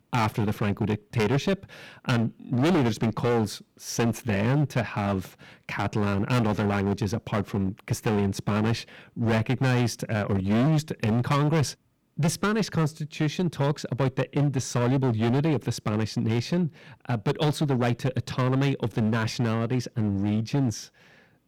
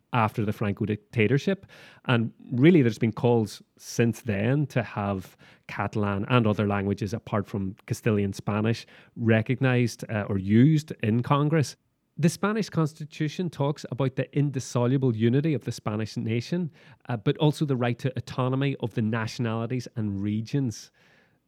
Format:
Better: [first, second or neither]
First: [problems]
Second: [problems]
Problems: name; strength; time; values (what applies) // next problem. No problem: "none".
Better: second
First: distortion; heavy; 16% of the sound clipped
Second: none